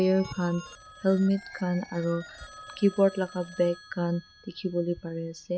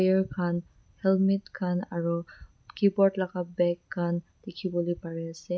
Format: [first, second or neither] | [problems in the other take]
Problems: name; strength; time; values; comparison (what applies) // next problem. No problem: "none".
second | background sound (Telephone); 20 dB below the speech